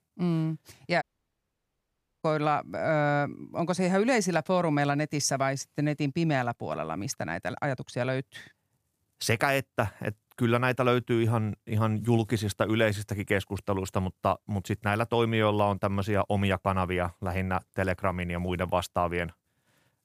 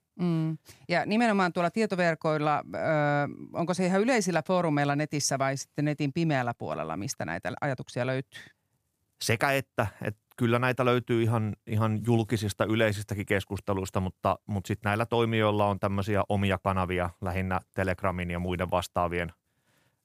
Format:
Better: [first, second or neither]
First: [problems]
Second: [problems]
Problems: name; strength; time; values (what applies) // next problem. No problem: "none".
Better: second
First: audio cutting out; at 1 s for 1 s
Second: none